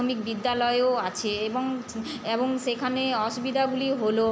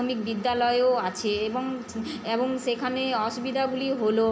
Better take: first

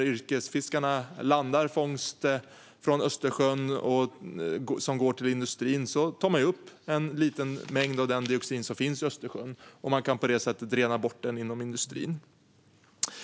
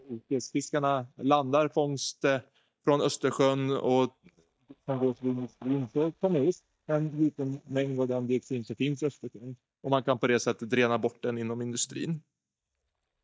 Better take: first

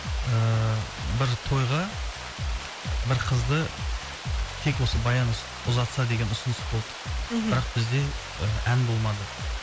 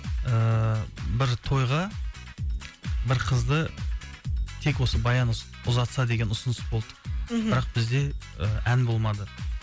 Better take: second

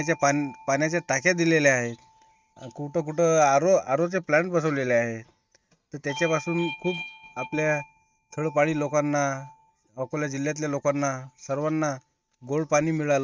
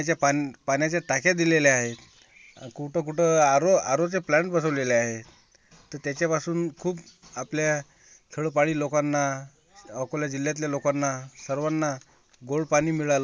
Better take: second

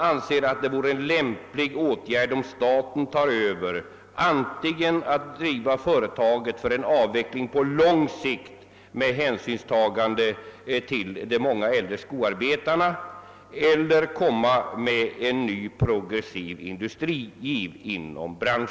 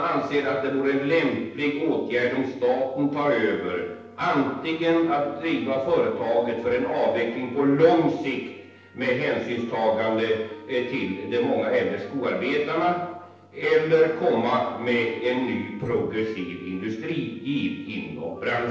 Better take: first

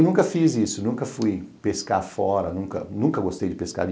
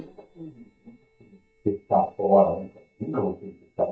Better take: first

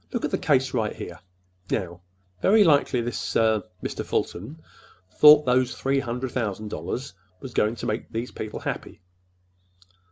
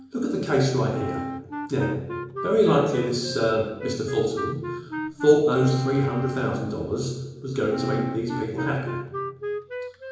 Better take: first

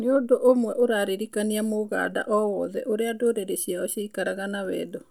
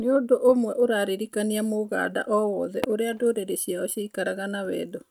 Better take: first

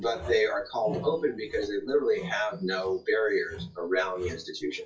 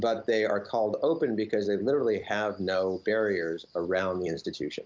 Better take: second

